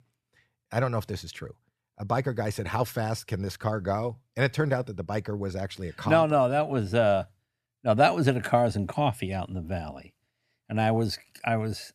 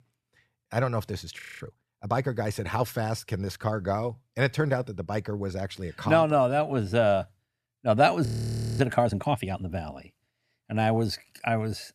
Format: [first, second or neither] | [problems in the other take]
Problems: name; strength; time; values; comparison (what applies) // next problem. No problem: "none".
first | audio freezing; at 1.5 s and at 8.5 s for 0.5 s